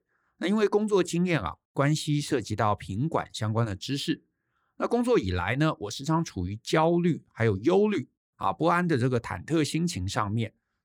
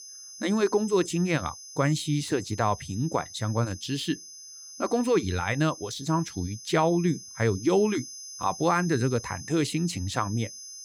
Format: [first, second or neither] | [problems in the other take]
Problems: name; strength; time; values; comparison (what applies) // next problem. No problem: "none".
first | high-pitched whine; noticeable; throughout; 6 kHz, 15 dB below the speech